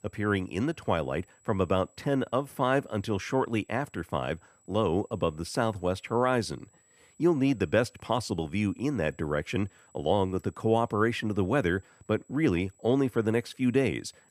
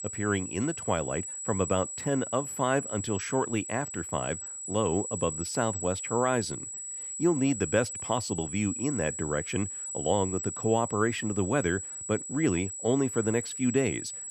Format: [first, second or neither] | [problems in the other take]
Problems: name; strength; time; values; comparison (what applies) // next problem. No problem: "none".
first | high-pitched whine; loud; throughout; 8 kHz, 5 dB below the speech; faint in the first